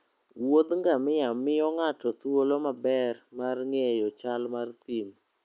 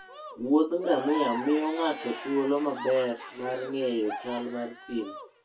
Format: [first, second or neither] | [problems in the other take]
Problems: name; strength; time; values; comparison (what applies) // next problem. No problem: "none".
first | background sound (Crowd / Cheering); 11 dB below the speech // room echo; dies away in 0.2 s